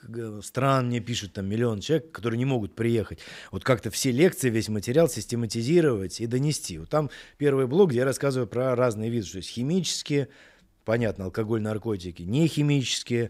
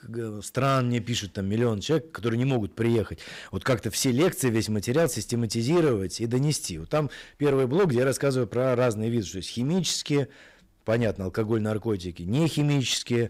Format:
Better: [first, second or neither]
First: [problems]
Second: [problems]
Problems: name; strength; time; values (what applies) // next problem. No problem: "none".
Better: first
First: none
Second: distortion; slight; 8% of the sound clipped